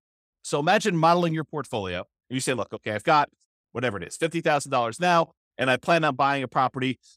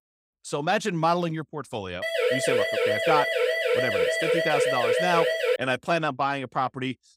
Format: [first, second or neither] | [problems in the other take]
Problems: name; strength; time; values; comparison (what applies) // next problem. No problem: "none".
first | siren; loud; from 2 to 5.5 s; peak 4 dB above the speech